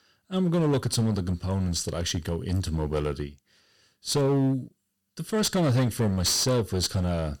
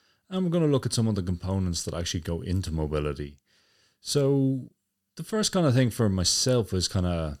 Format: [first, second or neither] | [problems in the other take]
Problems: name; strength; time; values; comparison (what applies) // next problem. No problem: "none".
second | distortion; slight; 10% of the sound clipped